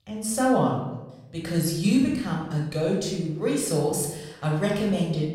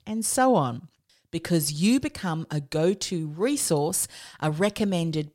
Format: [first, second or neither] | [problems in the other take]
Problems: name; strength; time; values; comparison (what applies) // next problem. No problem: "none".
second | off-mic speech; far // room echo; noticeable; dies away in 0.9 s